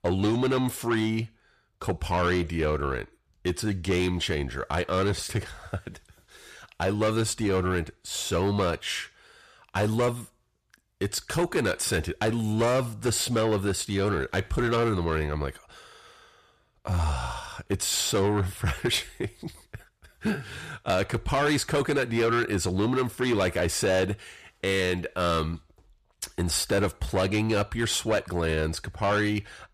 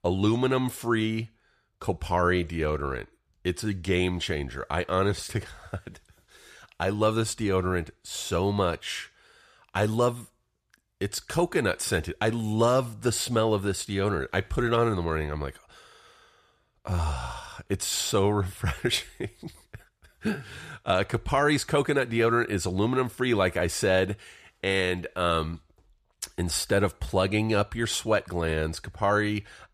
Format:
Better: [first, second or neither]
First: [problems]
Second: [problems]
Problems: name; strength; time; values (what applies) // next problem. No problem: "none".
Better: second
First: distortion; slight; 10 dB below the speech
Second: none